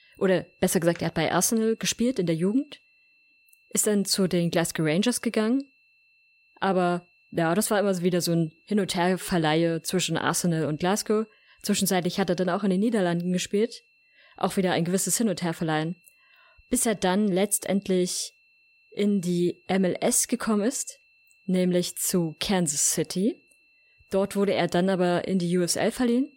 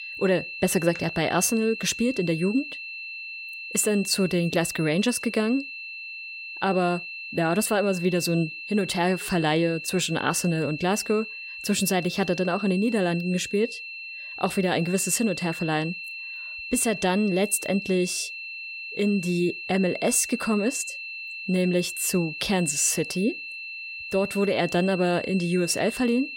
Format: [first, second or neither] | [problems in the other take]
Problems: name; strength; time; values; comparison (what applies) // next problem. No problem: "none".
first | high-pitched whine; loud; throughout; 2.5 kHz, 9 dB below the speech; faint in the first